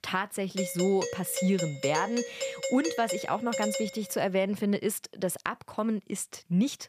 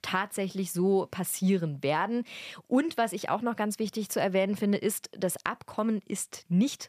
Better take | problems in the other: second | doorbell; noticeable; from 0.5 to 4 s; peak 2 dB below the speech

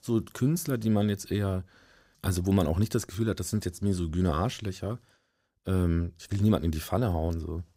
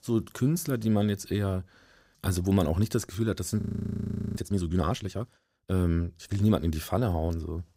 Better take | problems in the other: first | audio freezing; at 3.5 s for 1 s

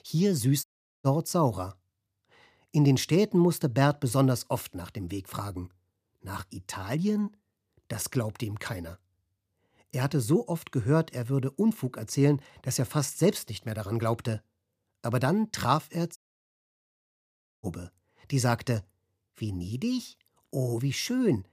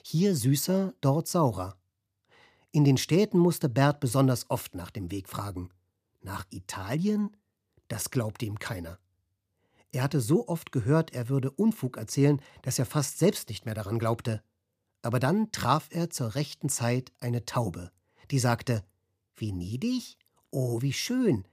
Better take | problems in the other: second | audio cutting out; at 0.5 s and at 16 s for 1.5 s

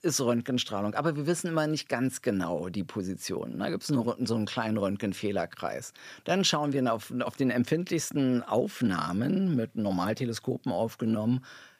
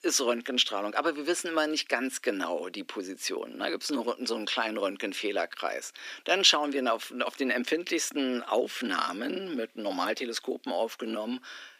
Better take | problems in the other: first | thin; somewhat; fading below 250 Hz

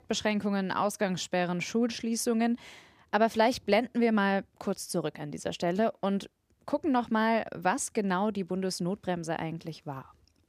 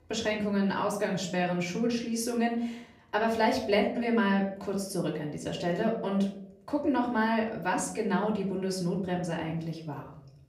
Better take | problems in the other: first | off-mic speech; far // room echo; slight; dies away in 0.6 s

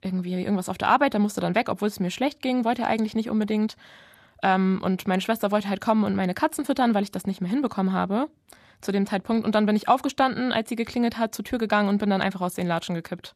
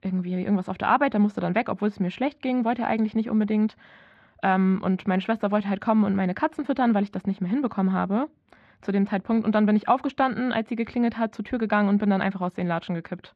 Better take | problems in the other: first | muffled; slightly; fading above 2.5 kHz

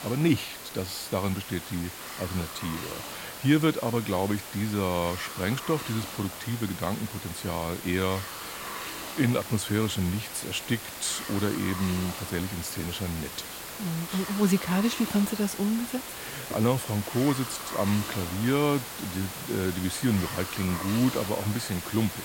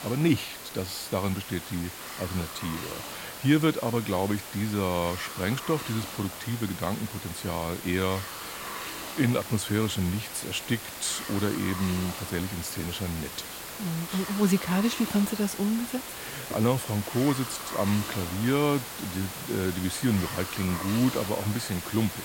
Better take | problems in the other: neither | hiss; loud; throughout; 7 dB below the speech; the same in both

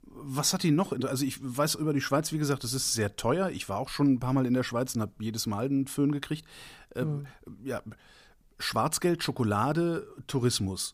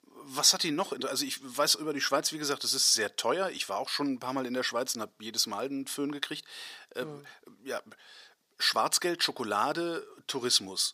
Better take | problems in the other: first | thin; somewhat; fading below 400 Hz

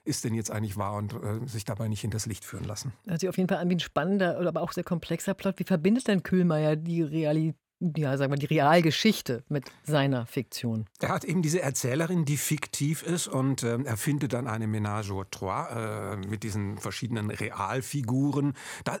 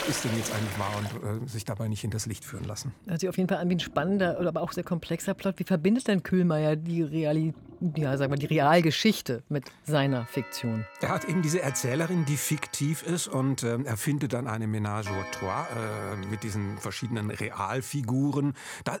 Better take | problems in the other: first | household noises; noticeable; throughout; 15 dB below the speech

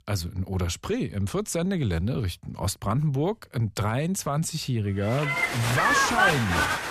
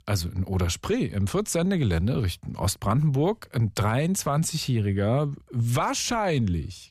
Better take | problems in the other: second | crowd noise; very loud; from 5.5 s on; 4 dB above the speech

